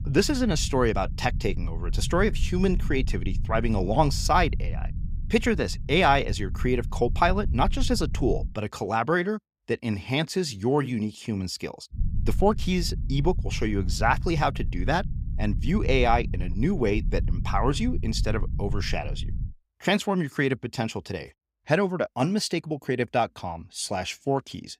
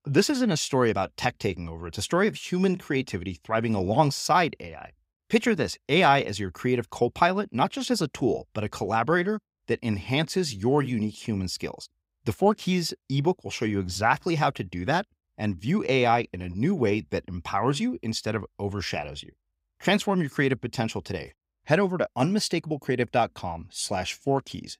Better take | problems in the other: second | low rumble; faint; until 8.5 s and from 12 to 19 s; 20 dB below the speech

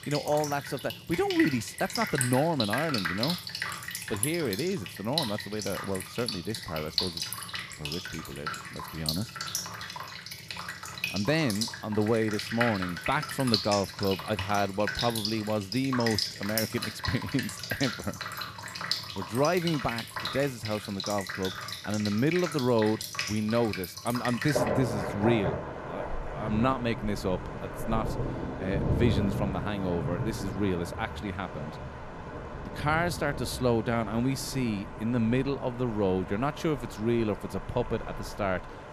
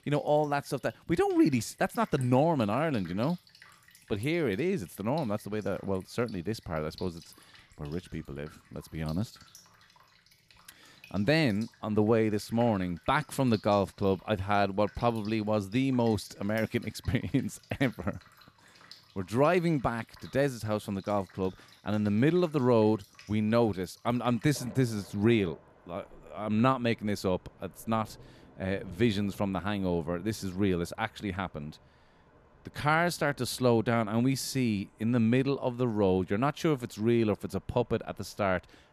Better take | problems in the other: second | rain or running water; loud; throughout; 4 dB below the speech; faint in the second

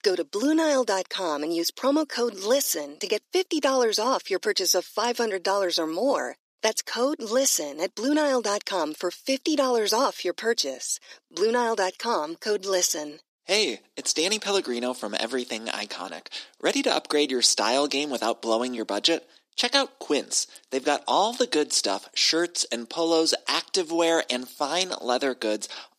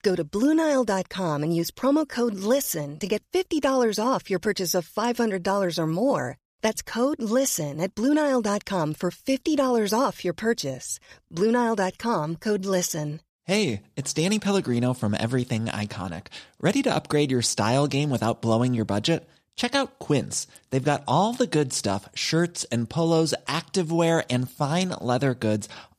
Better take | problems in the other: second | thin; somewhat; fading below 300 Hz

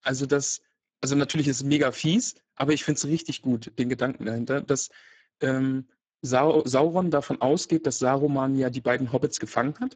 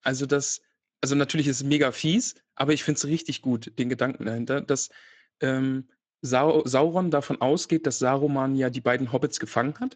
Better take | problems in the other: second | garbled, watery; badly; nothing above 7.5 kHz; slightly in the second

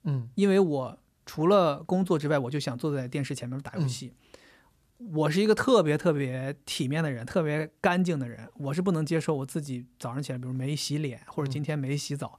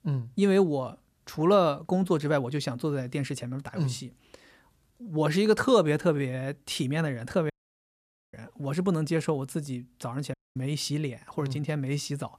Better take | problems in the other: first | audio cutting out; at 7.5 s for 1 s and at 10 s

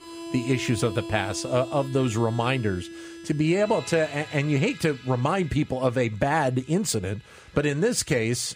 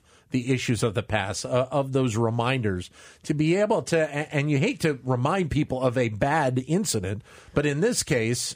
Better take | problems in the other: second | background music; noticeable; throughout; 15 dB below the speech

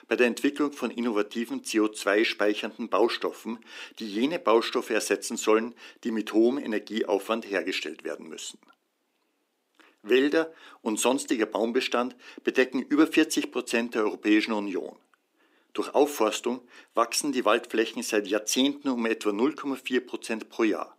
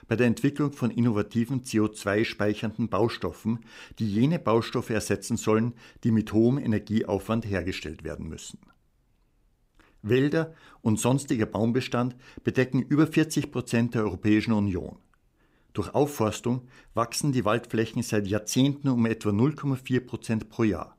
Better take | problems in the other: second | thin; somewhat; fading below 300 Hz

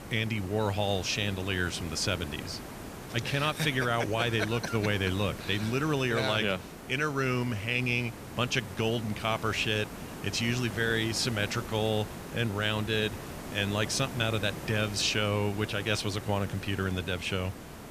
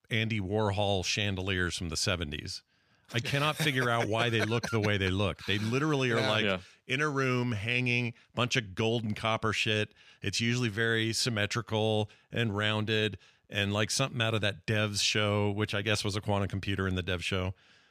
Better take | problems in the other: second | hiss; noticeable; throughout; 10 dB below the speech

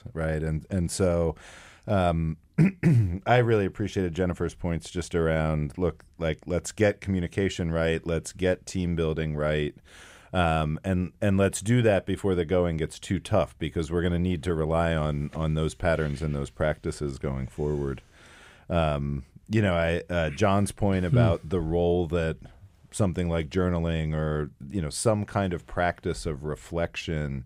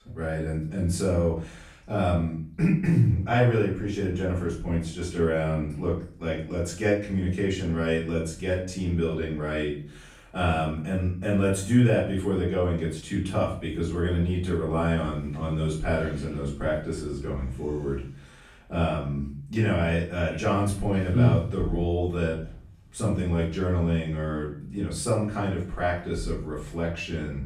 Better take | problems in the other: first | off-mic speech; far // room echo; noticeable; dies away in 0.4 s

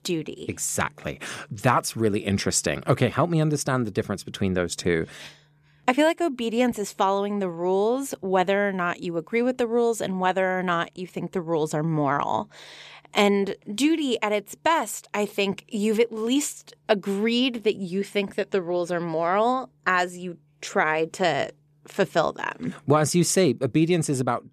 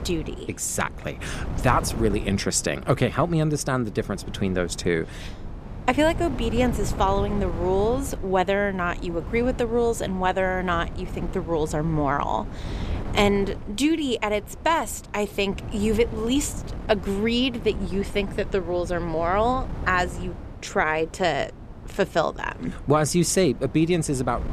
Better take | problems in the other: first | wind noise on the microphone; occasional gusts; 15 dB below the speech

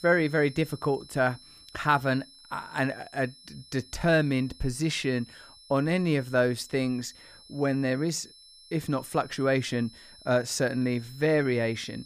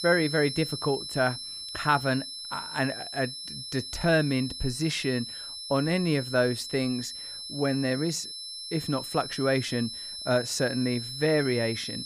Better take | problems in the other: first | high-pitched whine; loud; throughout; 5.5 kHz, 7 dB below the speech; faint in the first

